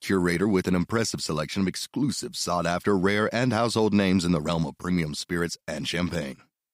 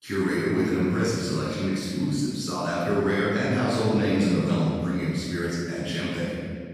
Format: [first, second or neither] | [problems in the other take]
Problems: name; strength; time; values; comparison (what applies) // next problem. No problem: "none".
first | off-mic speech; far // room echo; strong; dies away in 2.1 s